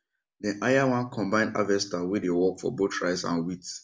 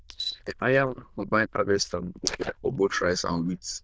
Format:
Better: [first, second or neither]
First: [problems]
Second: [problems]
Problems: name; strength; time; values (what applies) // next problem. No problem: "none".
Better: first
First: none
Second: noise reduction (neural diffusion model UNIVERSE++)